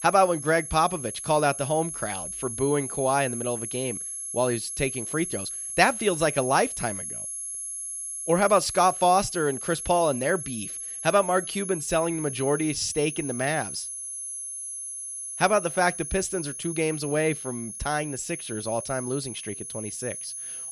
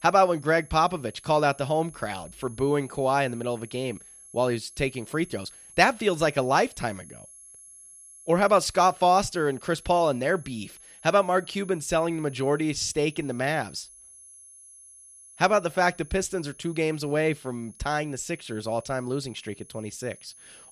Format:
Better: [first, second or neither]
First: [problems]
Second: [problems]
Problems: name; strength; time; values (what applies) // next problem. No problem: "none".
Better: second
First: high-pitched whine; loud; throughout; 11 kHz, 7 dB below the speech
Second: high-pitched whine; faint; throughout; 11 kHz, 20 dB below the speech